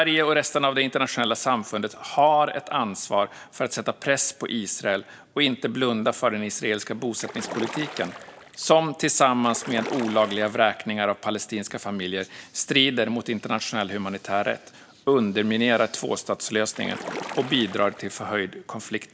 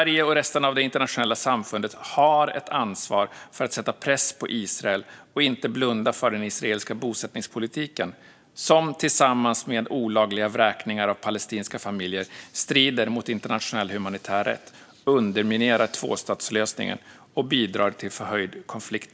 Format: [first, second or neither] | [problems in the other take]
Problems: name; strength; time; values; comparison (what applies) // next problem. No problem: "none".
second | background sound (Splash, splatter); 13 dB below the speech